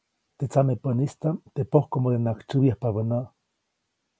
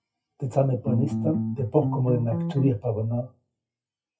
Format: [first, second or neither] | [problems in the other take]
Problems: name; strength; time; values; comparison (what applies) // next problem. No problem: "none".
first | noise reduction (classical method WPE with log-MMSE)